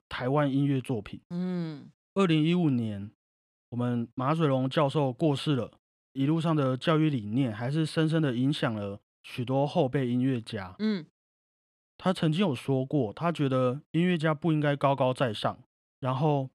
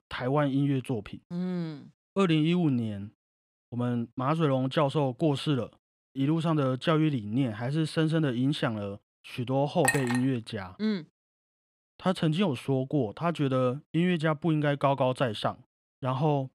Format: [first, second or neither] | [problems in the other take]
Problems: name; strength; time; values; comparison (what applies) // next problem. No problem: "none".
first | clattering dishes; loud; at 10 s; peak level with the speech